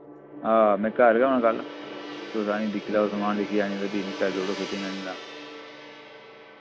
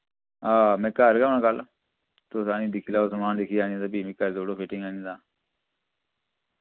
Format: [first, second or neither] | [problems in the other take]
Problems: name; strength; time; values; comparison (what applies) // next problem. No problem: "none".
second | background sound (Gong); 12 dB below the speech